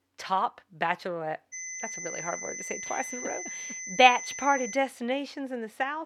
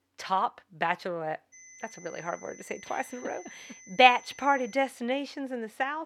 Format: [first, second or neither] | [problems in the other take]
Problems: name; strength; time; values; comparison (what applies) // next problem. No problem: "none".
second | high-pitched whine; loud; from 1.5 to 5 s; 2 kHz, 7 dB below the speech; faint in the second